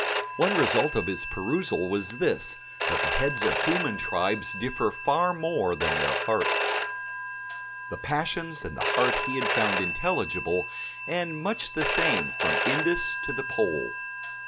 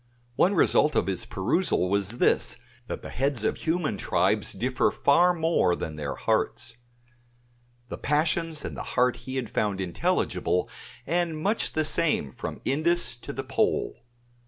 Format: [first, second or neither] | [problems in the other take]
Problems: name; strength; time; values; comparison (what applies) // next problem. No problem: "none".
second | background sound (Telephone); 1 dB below the speech